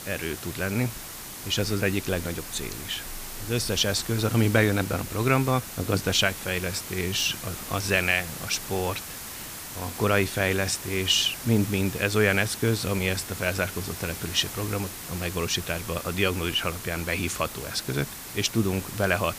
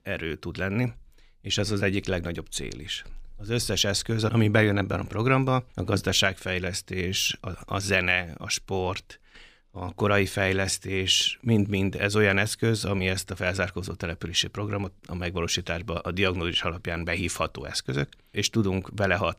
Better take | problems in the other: second | hiss; loud; throughout; 9 dB below the speech

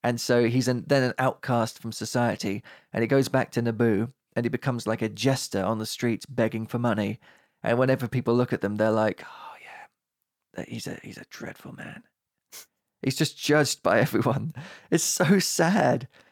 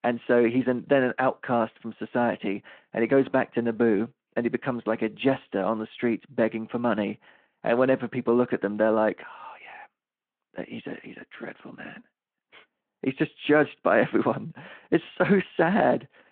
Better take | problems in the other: first | phone-call audio

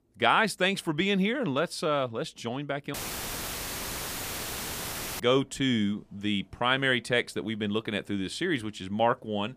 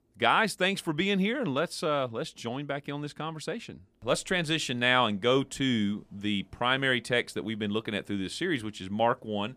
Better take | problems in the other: second | audio cutting out; filled with static; at 3 s for 2.5 s

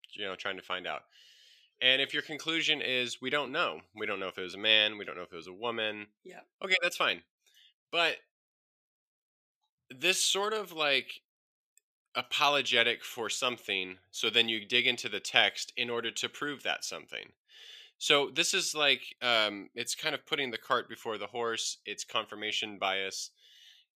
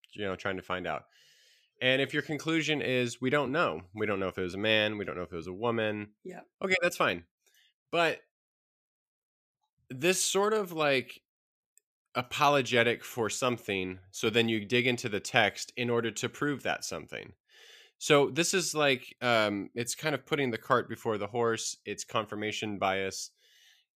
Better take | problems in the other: second | thin; very slightly; fading below 450 Hz

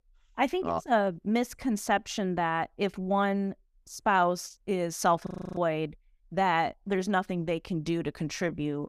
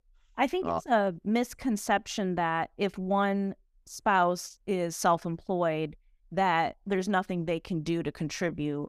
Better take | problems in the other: second | audio freezing; at 5.5 s

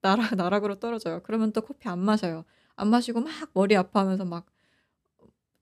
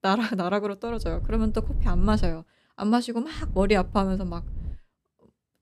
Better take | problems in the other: first | low rumble; faint; from 1 to 2.5 s and from 3.5 to 4.5 s; 20 dB below the speech

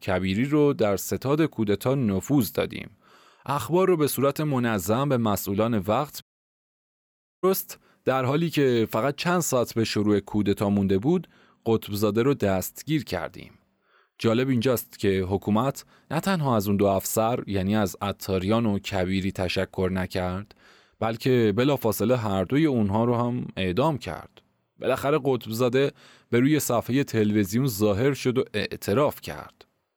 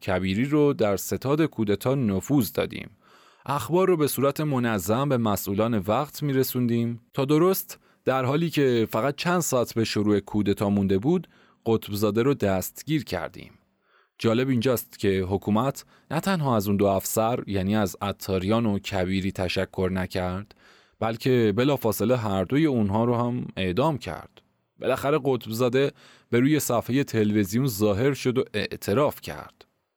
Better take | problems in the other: second | audio cutting out; at 6 s for 1 s

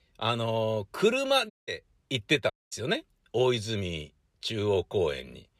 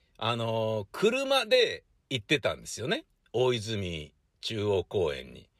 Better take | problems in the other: second | audio cutting out; at 1.5 s and at 2.5 s

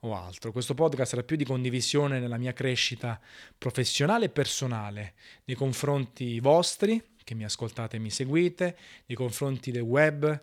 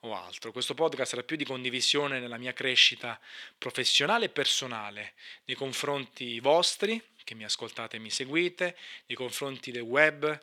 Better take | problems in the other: first | thin; somewhat; fading below 300 Hz

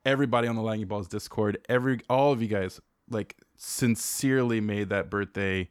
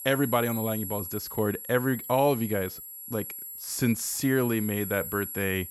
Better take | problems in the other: first | high-pitched whine; loud; throughout; 11.5 kHz, 8 dB below the speech

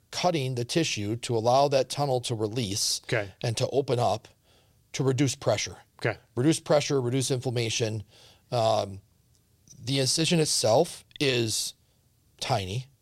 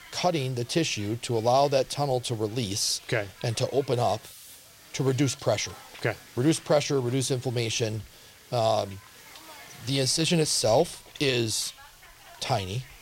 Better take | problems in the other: first | hiss; faint; throughout; 20 dB below the speech

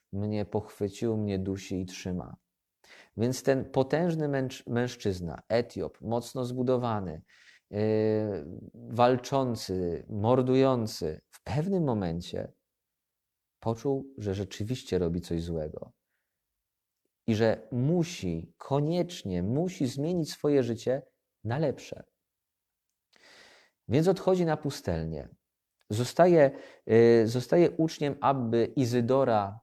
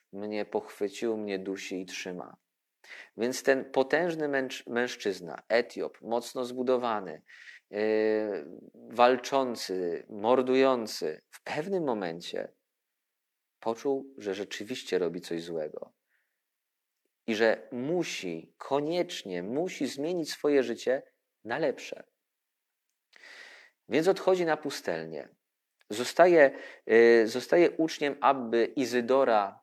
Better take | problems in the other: first | thin; somewhat; fading below 250 Hz

